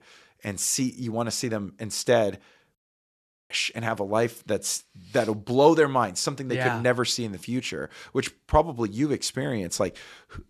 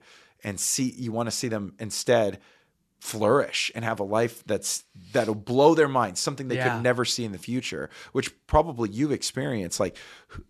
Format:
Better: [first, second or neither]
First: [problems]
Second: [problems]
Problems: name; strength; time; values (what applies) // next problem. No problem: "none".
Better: second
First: audio cutting out; at 3 s for 1 s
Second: none